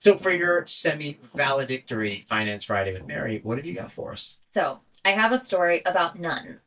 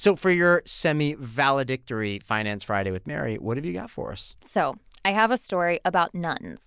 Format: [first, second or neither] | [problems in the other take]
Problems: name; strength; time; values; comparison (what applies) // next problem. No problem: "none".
second | noise reduction (neural mask model DeepFilterNet 3)